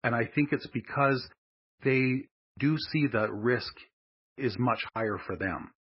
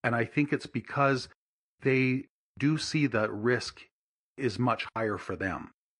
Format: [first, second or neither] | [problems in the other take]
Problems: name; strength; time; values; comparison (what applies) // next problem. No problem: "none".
second | garbled, watery; badly; nothing above 5.5 kHz; slightly in the second